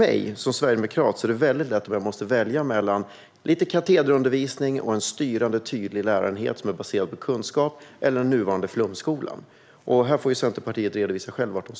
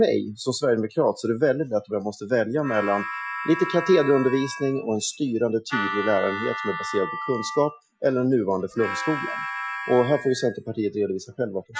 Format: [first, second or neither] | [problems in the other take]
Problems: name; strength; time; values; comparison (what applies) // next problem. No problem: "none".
first | noise reduction (classical method Wiener filter)